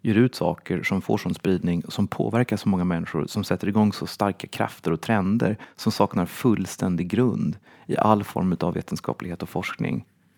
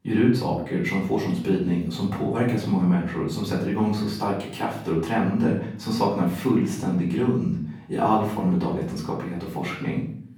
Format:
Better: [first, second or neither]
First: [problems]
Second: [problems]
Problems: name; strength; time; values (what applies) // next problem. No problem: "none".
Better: first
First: none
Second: off-mic speech; far // room echo; noticeable; dies away in 0.5 s